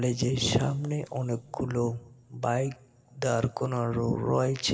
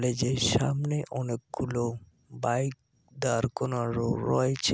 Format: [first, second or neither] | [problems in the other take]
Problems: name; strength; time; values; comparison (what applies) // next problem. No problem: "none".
second | room echo; dies away in 1.6 s